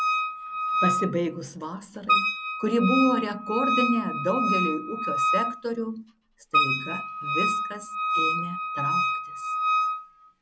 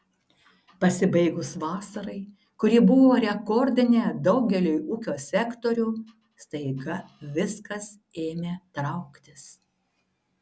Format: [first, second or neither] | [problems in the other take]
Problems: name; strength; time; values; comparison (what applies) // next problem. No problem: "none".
second | background sound (Wind instrument, woodwind instrument); 3 dB above the speech